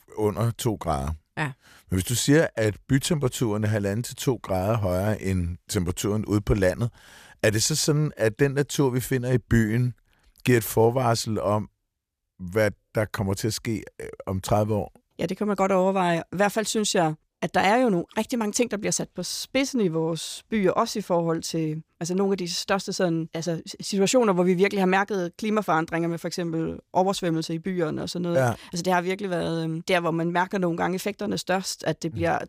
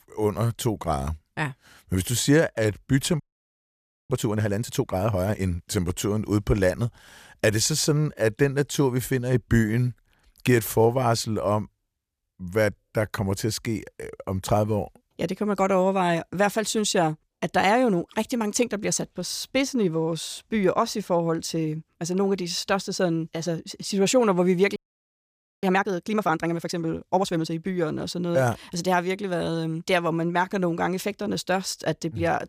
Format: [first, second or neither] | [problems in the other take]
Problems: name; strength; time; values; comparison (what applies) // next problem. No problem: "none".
first | audio freezing; at 3 s for 1 s and at 25 s for 1 s